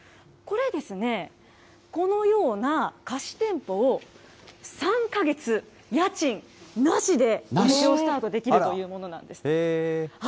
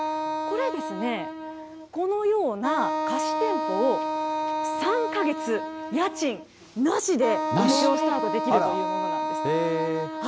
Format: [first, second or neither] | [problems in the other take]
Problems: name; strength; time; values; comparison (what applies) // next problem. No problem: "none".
first | background sound (Wind instrument, woodwind instrument); 2 dB below the speech